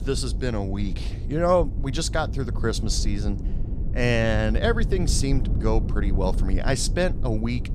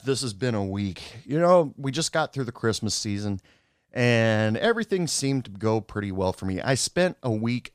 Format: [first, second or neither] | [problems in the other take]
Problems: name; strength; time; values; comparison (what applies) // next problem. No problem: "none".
second | low rumble; noticeable; throughout; 15 dB below the speech